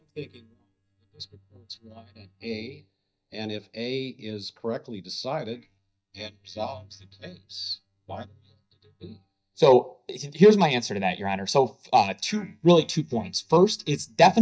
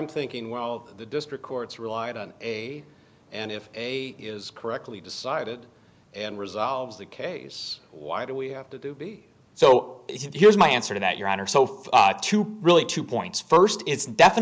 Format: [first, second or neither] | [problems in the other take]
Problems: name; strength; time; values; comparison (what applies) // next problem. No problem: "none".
second | noise reduction (neural mask model DeepFilterNet 3)